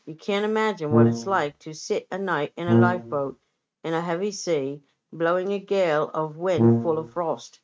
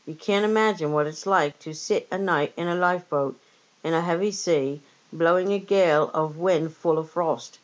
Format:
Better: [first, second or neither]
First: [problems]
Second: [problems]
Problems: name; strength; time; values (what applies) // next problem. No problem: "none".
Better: second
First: noise reduction (neural mask model RNNoise)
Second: none